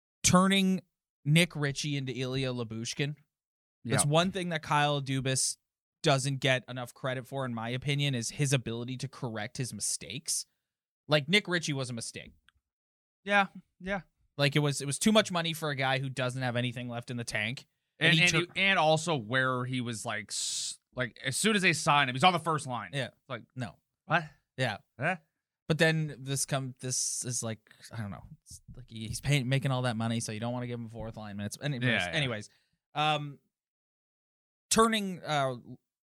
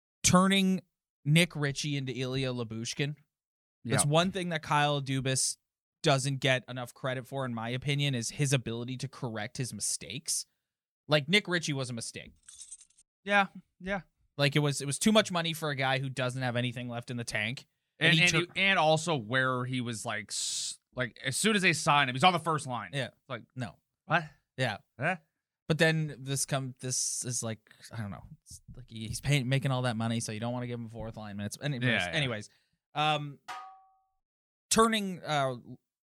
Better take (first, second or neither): first